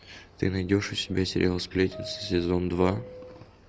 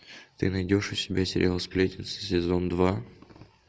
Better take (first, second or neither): second